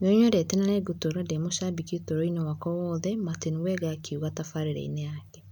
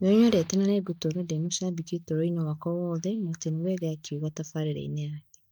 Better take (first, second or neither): first